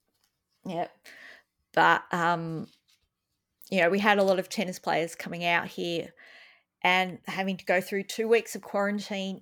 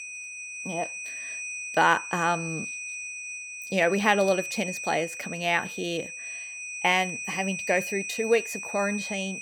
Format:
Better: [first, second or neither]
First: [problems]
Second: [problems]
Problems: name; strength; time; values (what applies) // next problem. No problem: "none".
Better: first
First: none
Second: high-pitched whine; loud; throughout; 2.5 kHz, 7 dB below the speech